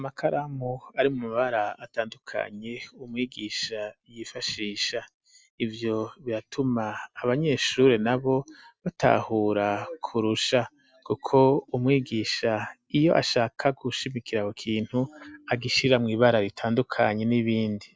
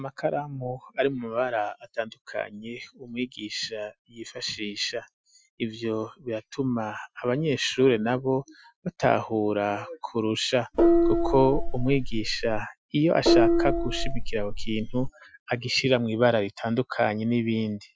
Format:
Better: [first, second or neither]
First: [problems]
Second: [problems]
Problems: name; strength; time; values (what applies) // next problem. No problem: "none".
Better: first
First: none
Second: noise reduction (classical method Wiener filter)